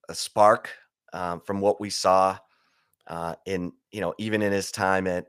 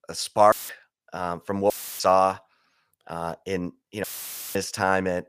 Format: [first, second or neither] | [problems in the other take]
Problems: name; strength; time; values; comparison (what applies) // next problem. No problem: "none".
first | audio cutting out; filled with static; at 0.5 s, at 1.5 s and at 4 s for 0.5 s